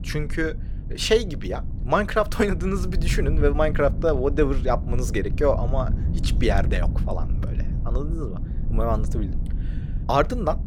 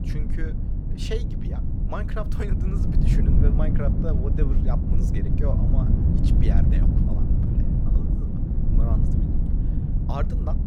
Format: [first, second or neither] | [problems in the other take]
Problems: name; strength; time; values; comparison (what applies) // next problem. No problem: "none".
first | wind noise on the microphone; heavy; 1 dB above the speech; occasional gusts in the first